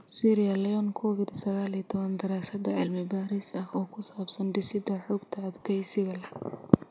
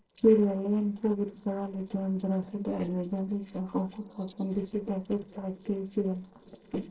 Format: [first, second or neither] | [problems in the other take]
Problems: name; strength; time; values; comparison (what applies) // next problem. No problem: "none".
first | noise reduction (neural separator model SepFormer DNS4)